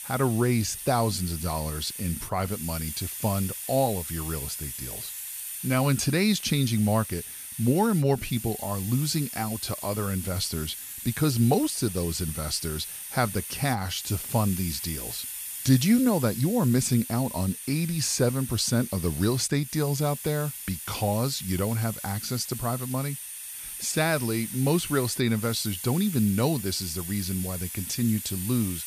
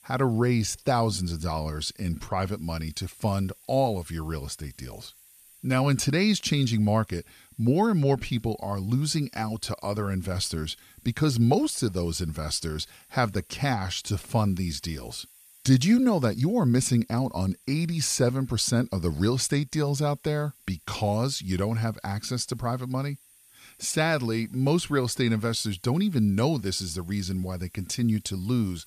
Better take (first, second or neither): second